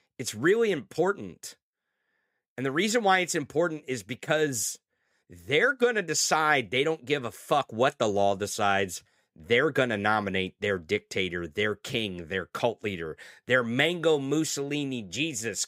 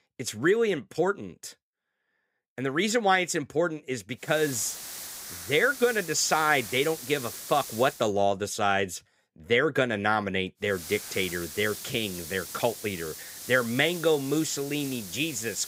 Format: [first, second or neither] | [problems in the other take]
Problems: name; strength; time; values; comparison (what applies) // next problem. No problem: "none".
first | hiss; noticeable; from 4.5 to 8 s and from 11 s on; 10 dB below the speech